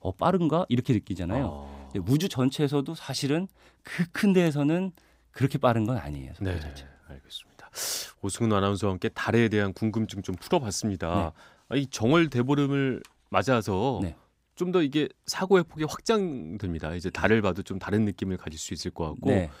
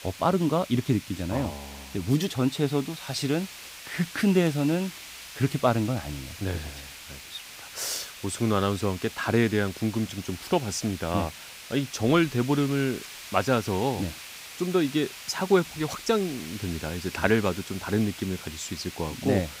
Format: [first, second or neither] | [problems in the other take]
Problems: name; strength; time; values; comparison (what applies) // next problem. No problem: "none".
first | hiss; noticeable; throughout; 15 dB below the speech